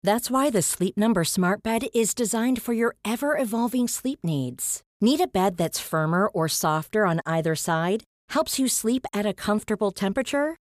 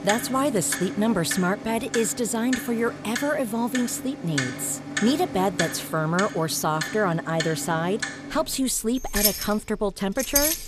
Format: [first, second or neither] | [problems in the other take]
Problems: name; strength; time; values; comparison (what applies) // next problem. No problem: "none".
first | household noises; loud; throughout; 5 dB below the speech